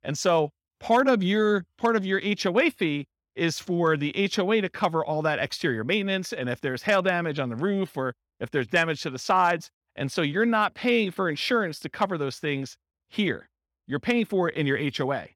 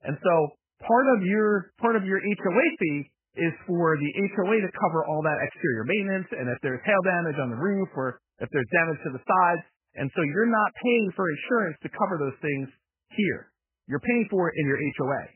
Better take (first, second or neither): first